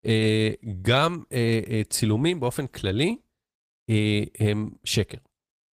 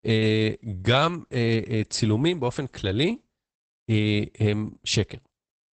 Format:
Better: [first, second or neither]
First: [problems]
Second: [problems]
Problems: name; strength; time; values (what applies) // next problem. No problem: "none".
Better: first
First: garbled, watery; slightly; nothing above 15 kHz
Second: garbled, watery; badly; nothing above 8 kHz